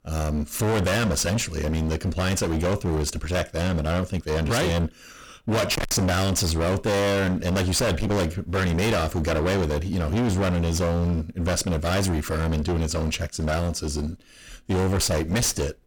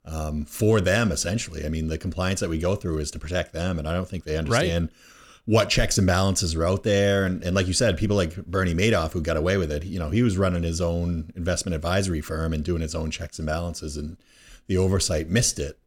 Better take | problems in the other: second | distortion; heavy; 32% of the sound clipped

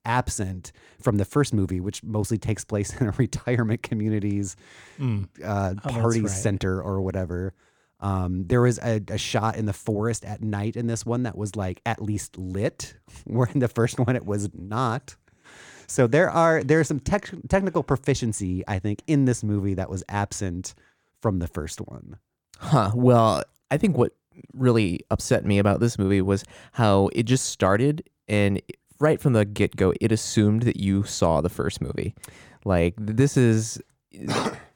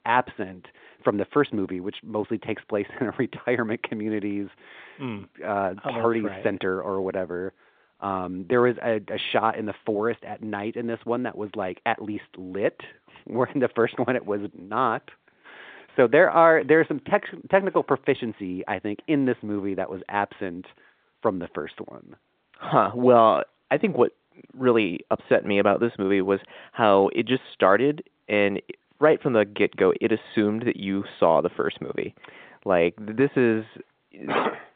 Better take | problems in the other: first | phone-call audio; nothing above 3.5 kHz

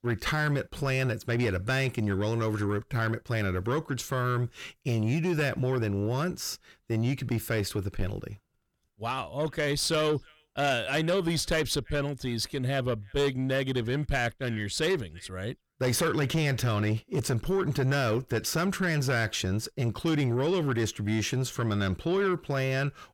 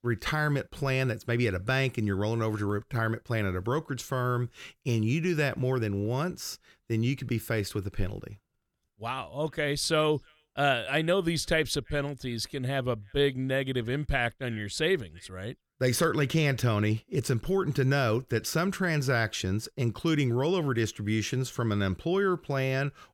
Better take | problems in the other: second | distortion; slight; 10 dB below the speech

